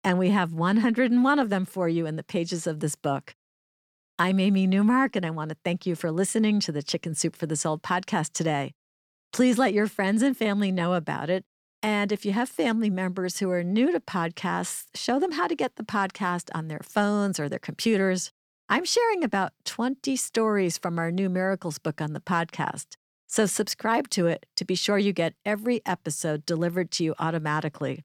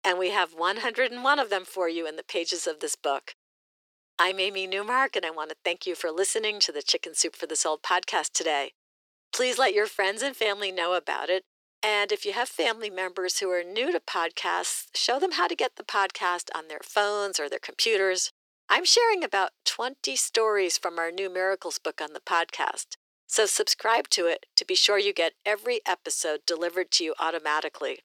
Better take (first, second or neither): first